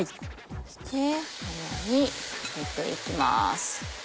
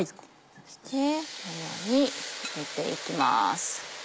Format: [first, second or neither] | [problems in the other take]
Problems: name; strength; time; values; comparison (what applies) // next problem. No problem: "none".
second | background sound (Scratching (performance technique)); 11 dB below the speech